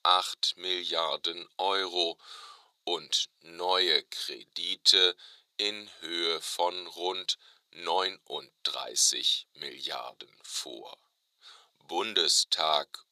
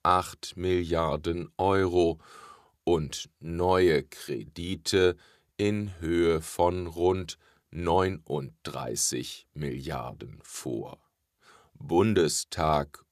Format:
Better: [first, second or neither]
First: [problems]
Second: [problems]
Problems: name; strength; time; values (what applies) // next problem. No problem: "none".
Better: second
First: thin; very; fading below 650 Hz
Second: none